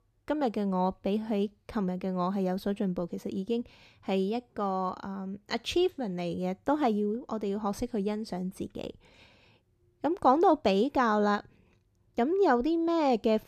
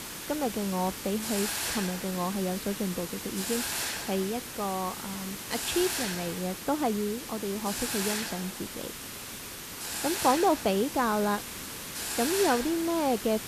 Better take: first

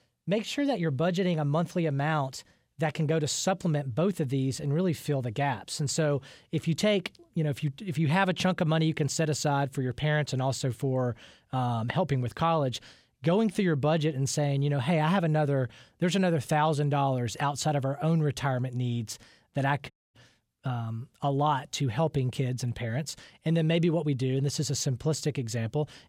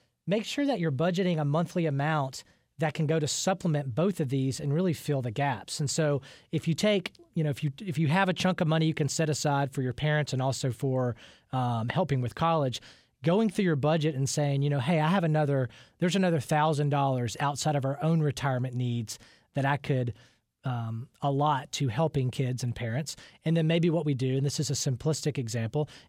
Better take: second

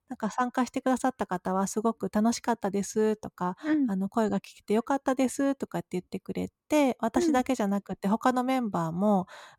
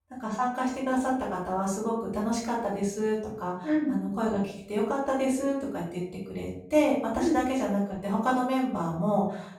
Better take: first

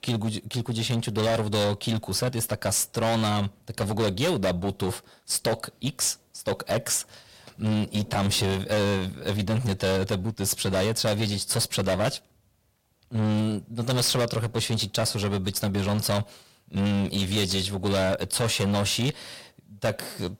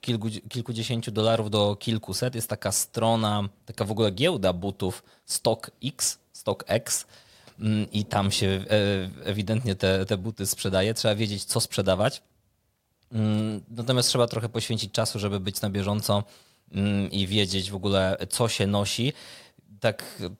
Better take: second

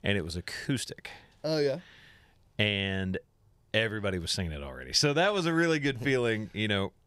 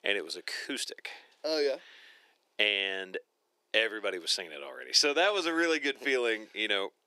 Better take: first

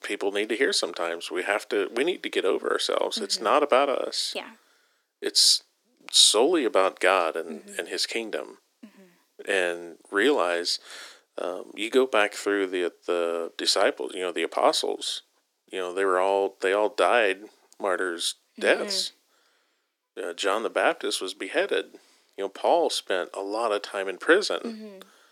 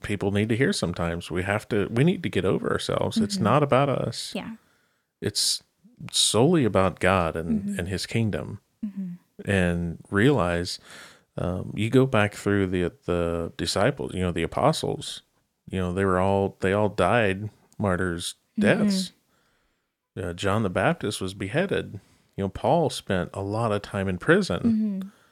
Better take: second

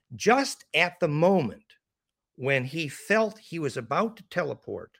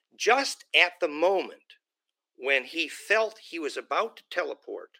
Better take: first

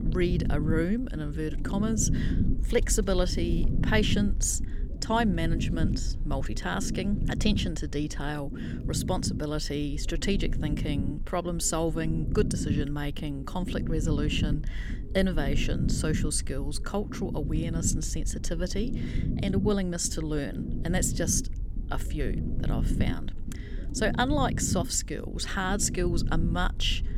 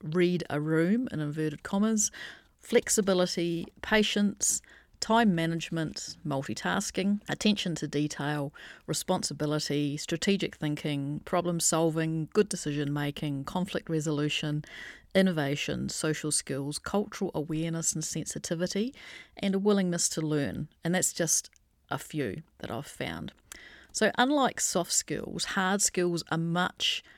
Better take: second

